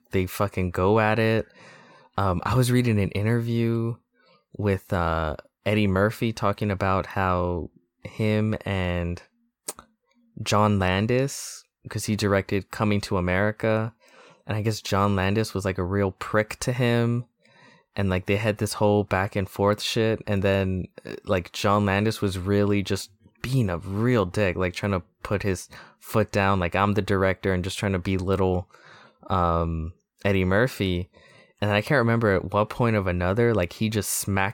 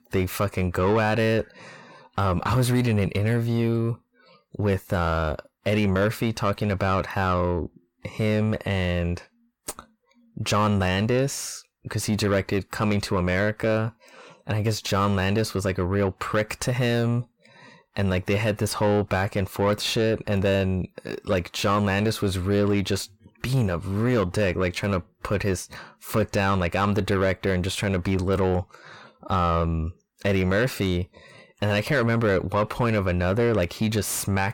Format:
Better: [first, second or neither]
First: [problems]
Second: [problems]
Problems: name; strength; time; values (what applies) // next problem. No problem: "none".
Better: first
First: none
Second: distortion; slight; 9 dB below the speech